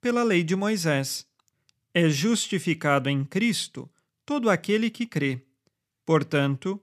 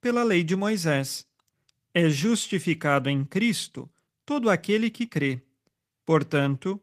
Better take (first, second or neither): first